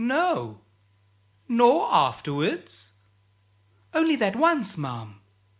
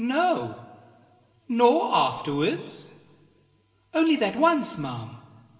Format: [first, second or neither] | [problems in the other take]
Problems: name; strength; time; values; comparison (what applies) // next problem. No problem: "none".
first | room echo; dies away in 2.3 s